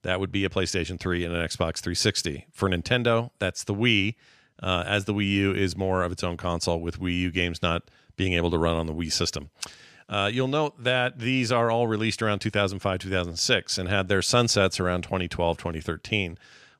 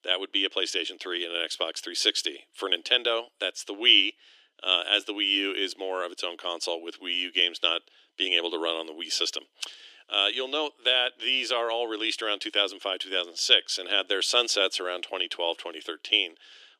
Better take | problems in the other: first | thin; somewhat; fading below 300 Hz

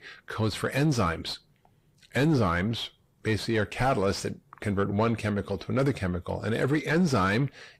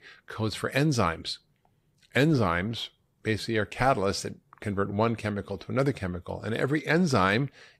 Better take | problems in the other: second | distortion; slight; 10 dB below the speech

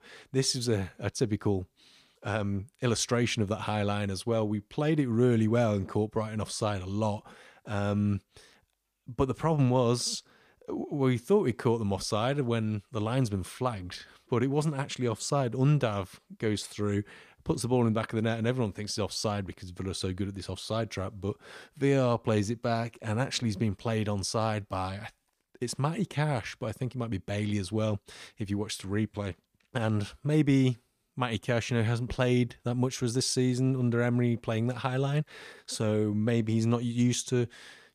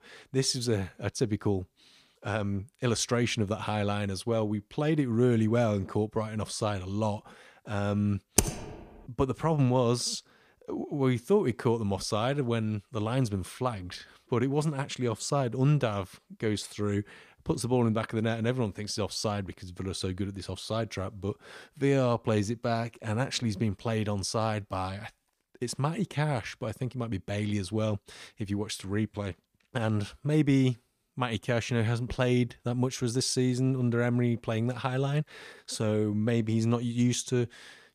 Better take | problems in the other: first | keyboard typing; loud; at 8.5 s; peak 3 dB above the speech

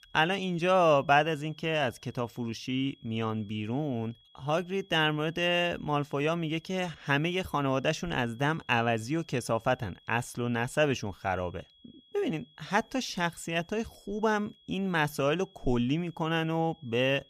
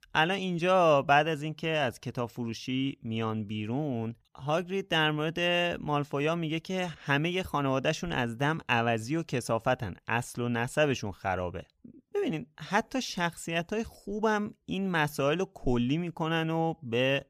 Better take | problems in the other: second | high-pitched whine; faint; throughout; 3.5 kHz, 30 dB below the speech

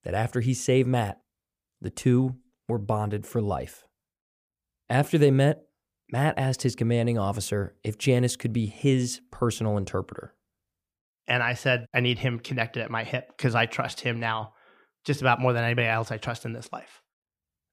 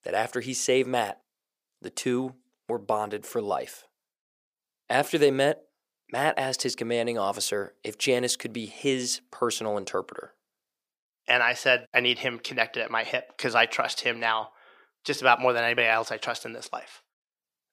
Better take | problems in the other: first | thin; somewhat; fading below 400 Hz

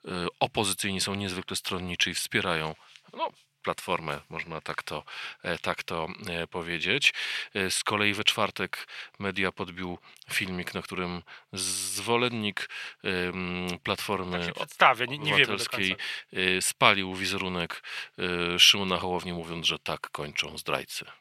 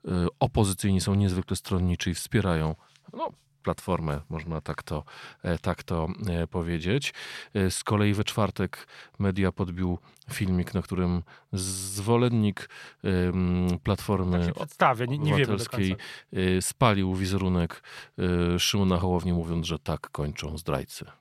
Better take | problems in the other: second | thin; somewhat; fading below 600 Hz

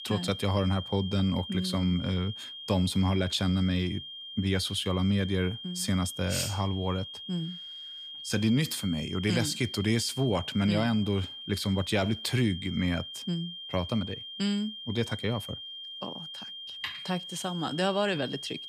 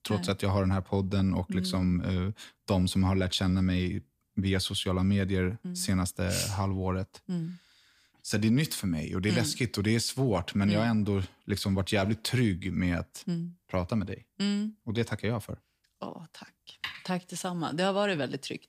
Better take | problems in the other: second | high-pitched whine; loud; throughout; 3 kHz, 10 dB below the speech

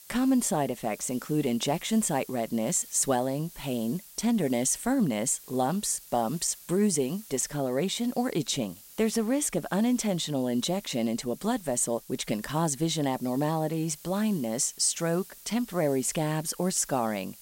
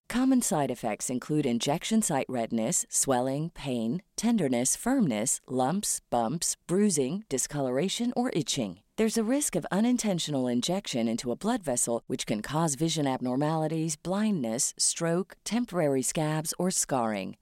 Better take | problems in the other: second | hiss; noticeable; throughout; 20 dB below the speech

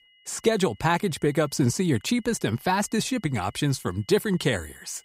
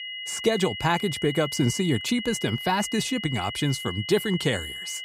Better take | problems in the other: first | high-pitched whine; loud; throughout; 3 kHz, 7 dB below the speech; faint in the first

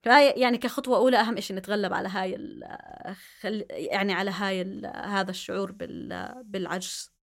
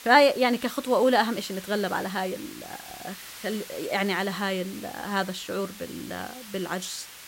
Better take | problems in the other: first | hiss; noticeable; throughout; 15 dB below the speech

